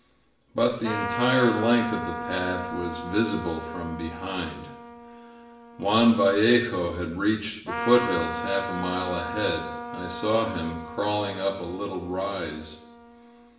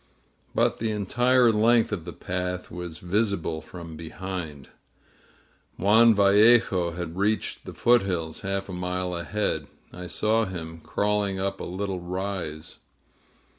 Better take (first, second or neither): second